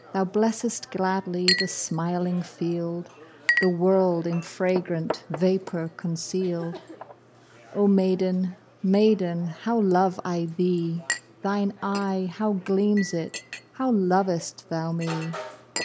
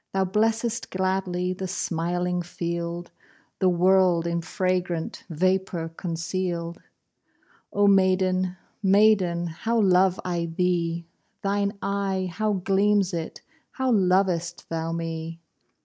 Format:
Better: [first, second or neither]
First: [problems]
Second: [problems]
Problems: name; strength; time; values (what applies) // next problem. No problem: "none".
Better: second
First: background sound (Chink, clink); 11 dB below the speech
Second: none